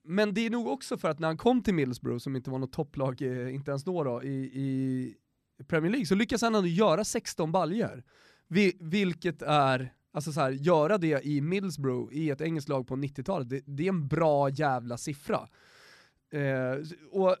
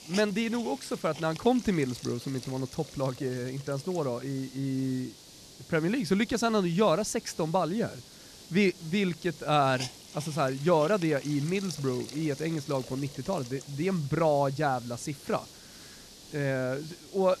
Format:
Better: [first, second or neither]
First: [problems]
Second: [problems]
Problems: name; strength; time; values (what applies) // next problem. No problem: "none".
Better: first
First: none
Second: hiss; noticeable; throughout; 15 dB below the speech